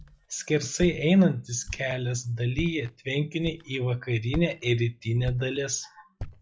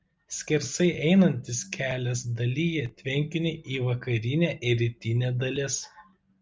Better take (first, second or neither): second